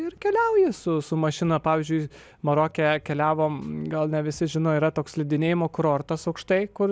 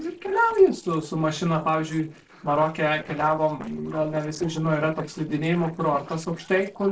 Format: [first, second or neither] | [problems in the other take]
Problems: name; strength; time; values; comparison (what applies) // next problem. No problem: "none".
first | noise reduction (neural separator model SepFormer DNS4)